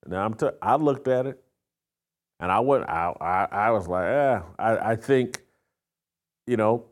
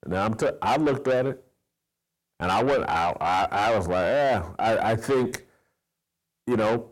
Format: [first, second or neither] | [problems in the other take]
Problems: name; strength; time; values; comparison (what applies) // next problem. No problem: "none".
first | distortion; heavy; 7 dB below the speech